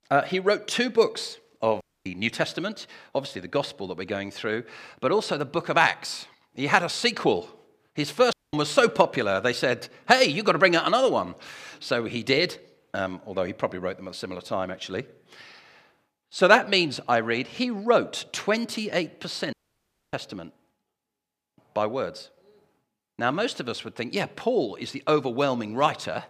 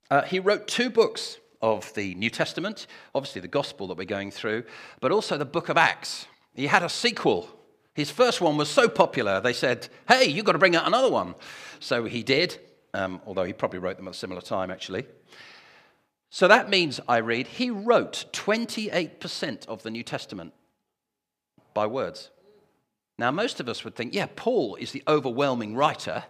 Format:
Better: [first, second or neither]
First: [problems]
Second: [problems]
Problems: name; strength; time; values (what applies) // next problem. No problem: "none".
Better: second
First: audio cutting out; at 2 s, at 8.5 s and at 20 s for 0.5 s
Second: none